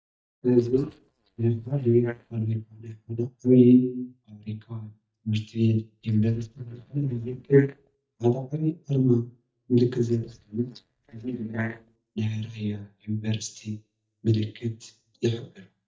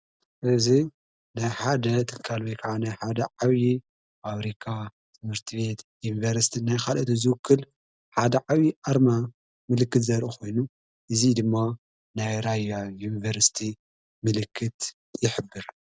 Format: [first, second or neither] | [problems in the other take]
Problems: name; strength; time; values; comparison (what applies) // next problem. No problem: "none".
second | noise reduction (neural mask model DeepFilterNet 3)